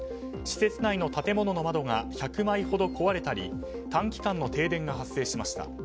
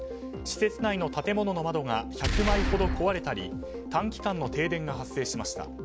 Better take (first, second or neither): first